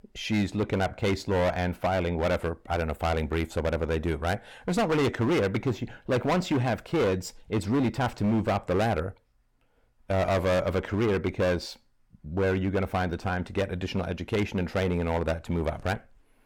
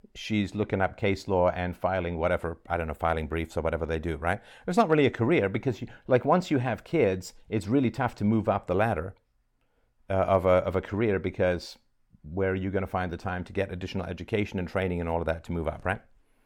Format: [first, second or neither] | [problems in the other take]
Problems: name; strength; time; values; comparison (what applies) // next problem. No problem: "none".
second | distortion; heavy; 12% of the sound clipped